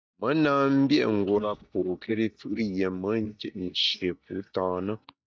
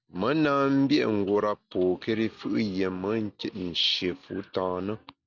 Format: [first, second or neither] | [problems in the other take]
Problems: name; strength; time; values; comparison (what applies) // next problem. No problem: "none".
second | noise reduction (neural mask model DeepFilterNet 3)